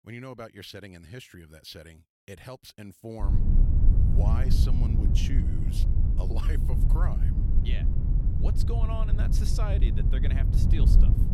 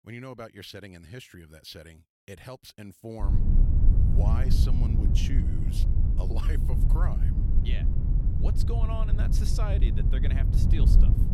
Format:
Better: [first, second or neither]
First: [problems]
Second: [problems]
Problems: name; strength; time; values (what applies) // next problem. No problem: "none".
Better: neither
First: low rumble; loud; from 3 s on; as loud as the speech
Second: low rumble; loud; from 3 s on; as loud as the speech